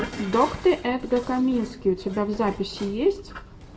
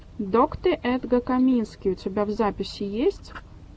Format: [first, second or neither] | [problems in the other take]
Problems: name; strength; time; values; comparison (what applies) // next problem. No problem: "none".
second | background sound (Dishes, pots, and pans); 18 dB below the speech // room echo; dies away in 0.5 s